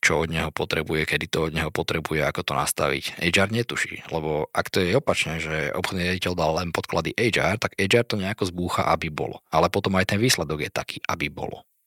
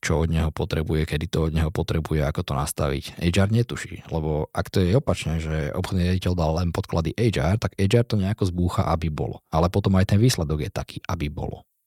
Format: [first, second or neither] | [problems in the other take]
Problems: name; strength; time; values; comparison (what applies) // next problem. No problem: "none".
second | thin; somewhat; fading below 900 Hz